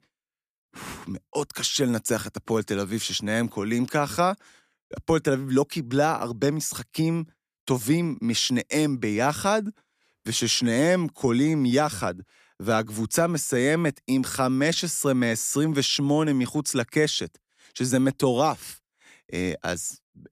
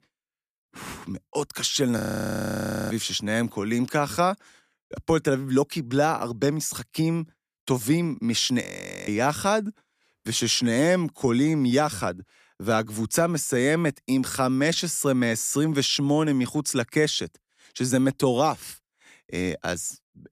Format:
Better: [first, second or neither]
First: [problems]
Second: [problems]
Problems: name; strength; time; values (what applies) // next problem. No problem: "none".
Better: first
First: none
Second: audio freezing; at 2 s for 1 s and at 8.5 s